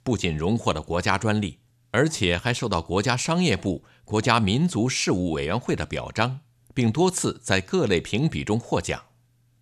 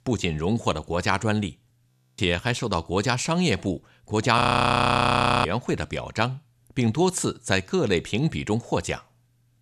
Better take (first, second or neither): first